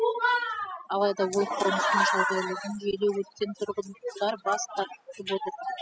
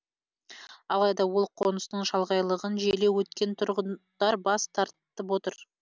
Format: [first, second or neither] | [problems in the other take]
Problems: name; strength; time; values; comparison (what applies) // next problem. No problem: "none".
second | noise reduction (classical method spectral subtraction)